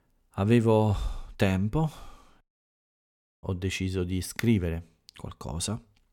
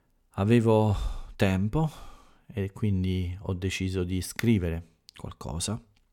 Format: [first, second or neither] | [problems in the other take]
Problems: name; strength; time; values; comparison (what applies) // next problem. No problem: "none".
second | audio cutting out; at 2.5 s for 1 s